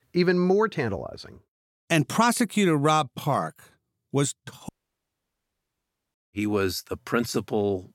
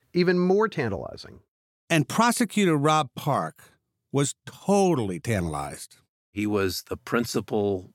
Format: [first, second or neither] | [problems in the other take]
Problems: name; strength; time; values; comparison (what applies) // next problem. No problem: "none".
second | audio cutting out; at 4.5 s for 1.5 s